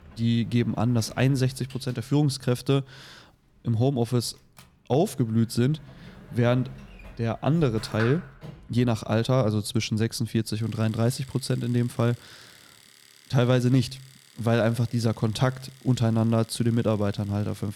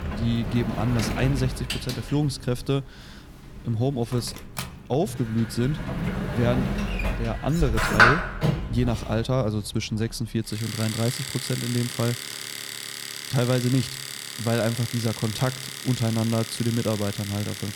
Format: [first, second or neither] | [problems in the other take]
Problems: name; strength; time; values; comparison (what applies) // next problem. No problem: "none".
first | household noises; loud; throughout; 2 dB below the speech; faint in the first